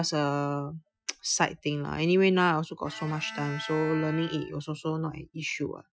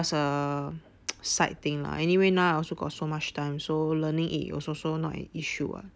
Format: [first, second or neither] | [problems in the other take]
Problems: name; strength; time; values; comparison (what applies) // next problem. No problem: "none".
second | noise reduction (classical method Wiener filter)